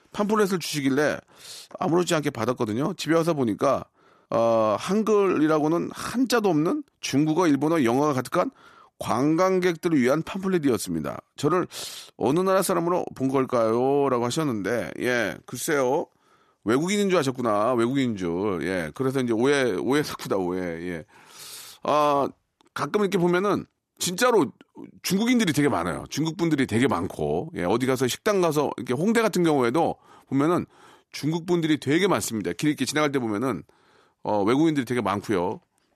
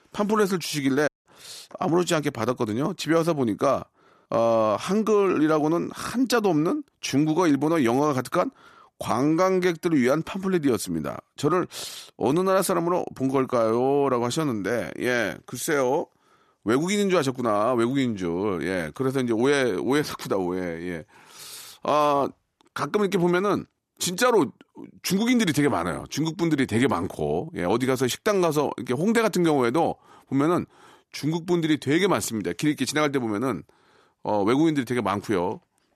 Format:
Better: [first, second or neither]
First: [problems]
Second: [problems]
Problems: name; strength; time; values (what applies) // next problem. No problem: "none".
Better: first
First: none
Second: audio cutting out; at 1 s